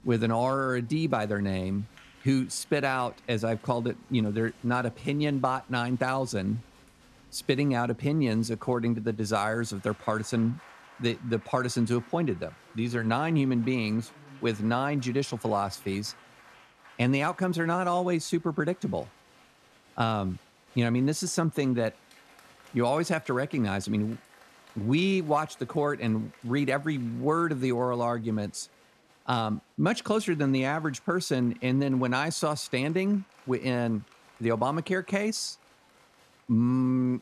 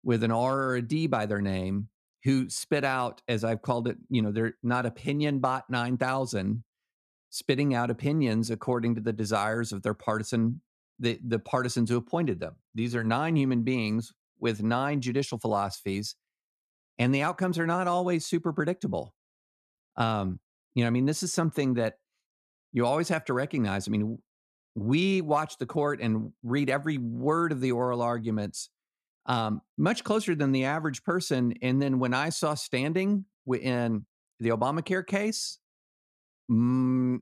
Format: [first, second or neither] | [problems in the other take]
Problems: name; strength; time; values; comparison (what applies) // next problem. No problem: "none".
second | crowd noise; faint; throughout; 25 dB below the speech